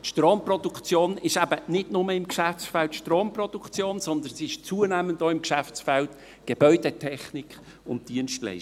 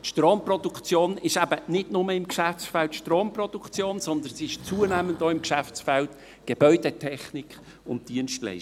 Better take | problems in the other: first | background sound (Breathing); 18 dB below the speech

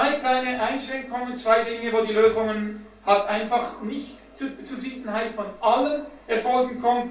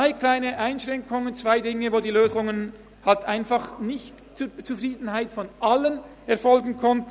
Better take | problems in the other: second | room echo; dies away in 0.3 s

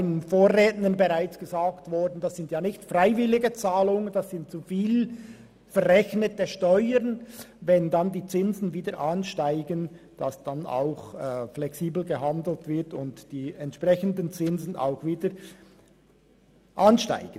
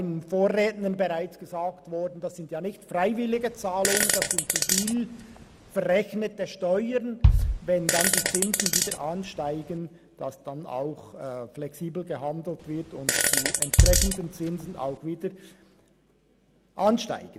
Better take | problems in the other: first | background sound (Bass drum + Fart); 4 dB above the speech

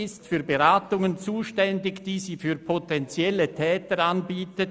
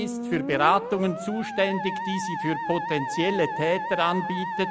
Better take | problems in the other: first | background sound (Musical instrument); 5 dB below the speech

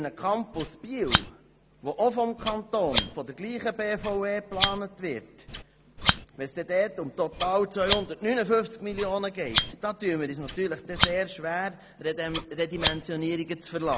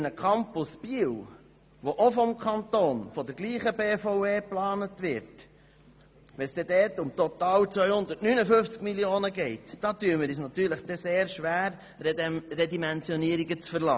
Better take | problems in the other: second | background sound (Scissors); 5 dB below the speech

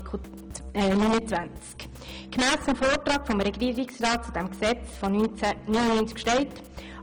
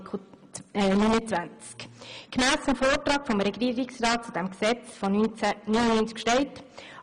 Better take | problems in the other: second | background sound (Drum kit); 15 dB below the speech

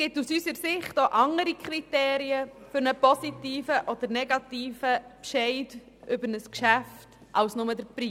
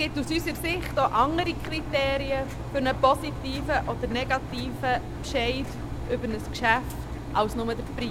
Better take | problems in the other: first | background sound (Engine); 6 dB below the speech

